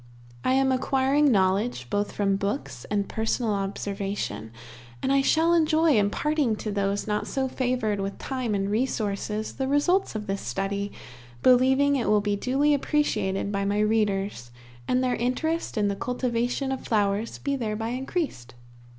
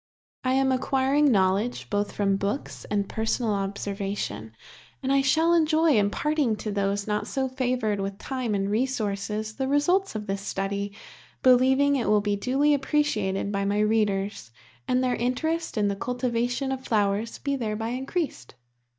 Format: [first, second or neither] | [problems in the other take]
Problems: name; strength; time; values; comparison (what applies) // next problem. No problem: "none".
first | noise reduction (neural mask model DeepFilterNet 3)